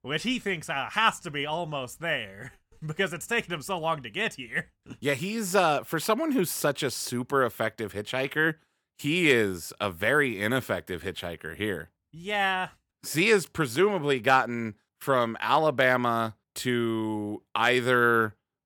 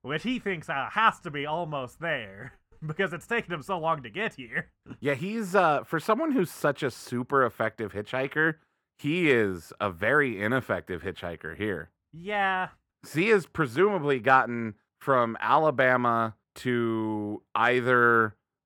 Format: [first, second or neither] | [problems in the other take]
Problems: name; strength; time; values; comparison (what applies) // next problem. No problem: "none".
first | muffled; slightly; fading above 3 kHz